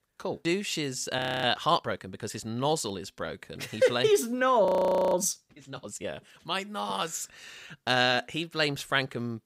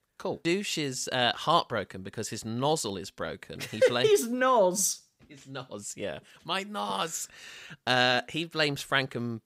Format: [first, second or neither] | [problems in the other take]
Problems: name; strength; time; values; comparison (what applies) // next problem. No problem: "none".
second | audio freezing; at 1 s and at 4.5 s